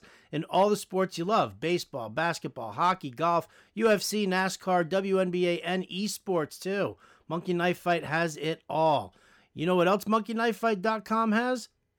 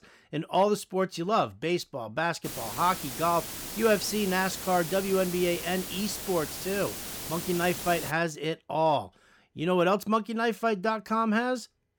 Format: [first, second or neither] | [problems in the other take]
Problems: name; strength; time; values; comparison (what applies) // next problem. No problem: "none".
first | hiss; loud; from 2.5 to 8 s; 7 dB below the speech